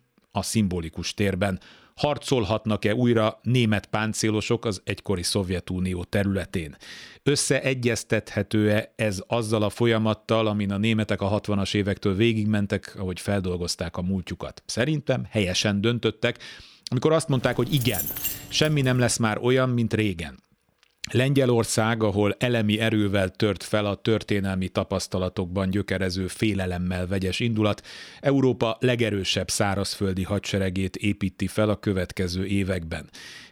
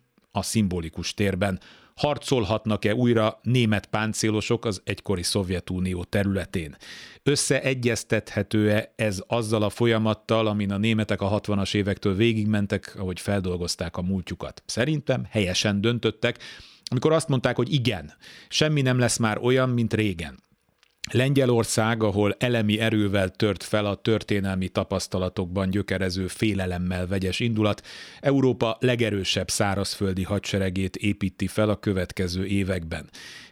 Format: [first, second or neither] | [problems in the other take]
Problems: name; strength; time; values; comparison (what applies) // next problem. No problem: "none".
second | jangling keys; noticeable; from 17 to 19 s; peak 1 dB below the speech